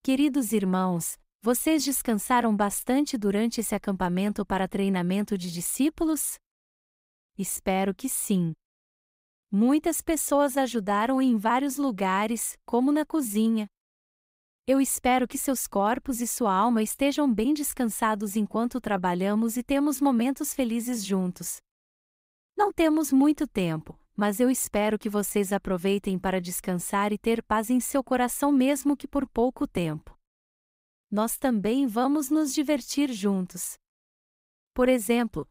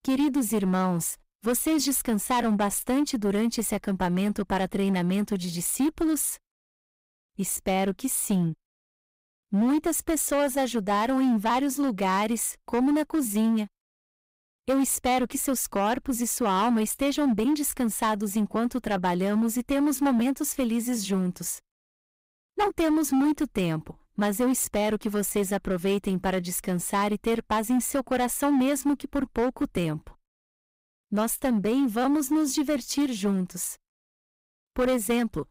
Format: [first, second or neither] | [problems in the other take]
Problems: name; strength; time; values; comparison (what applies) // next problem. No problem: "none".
first | distortion; slight; 10% of the sound clipped